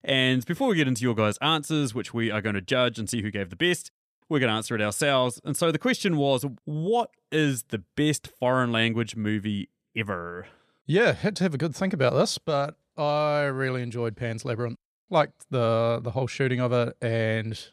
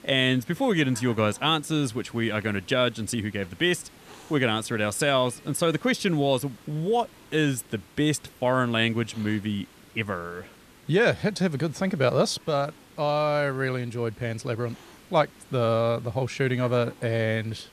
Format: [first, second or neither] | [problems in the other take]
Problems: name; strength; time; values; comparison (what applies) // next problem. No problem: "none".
first | hiss; faint; throughout; 25 dB below the speech